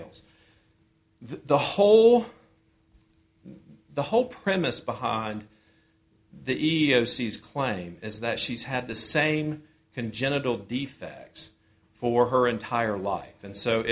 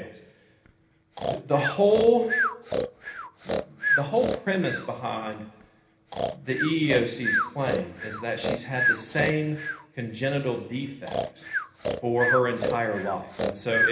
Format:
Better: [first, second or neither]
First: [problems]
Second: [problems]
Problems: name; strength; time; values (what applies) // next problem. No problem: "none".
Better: first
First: none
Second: background sound (Breathing); 2 dB below the speech // room echo; dies away in 1 s